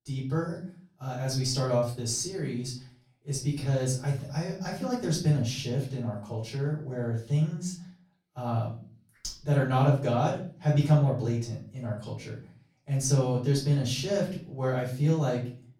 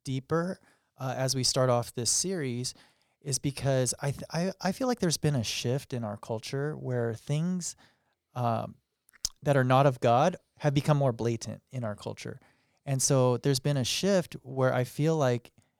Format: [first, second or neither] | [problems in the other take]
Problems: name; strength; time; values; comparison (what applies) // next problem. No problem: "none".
second | off-mic speech; far // room echo; slight; dies away in 0.5 s